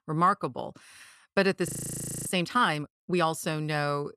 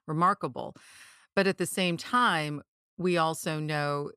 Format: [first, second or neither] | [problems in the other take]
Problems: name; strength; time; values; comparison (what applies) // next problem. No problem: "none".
second | audio freezing; at 1.5 s for 0.5 s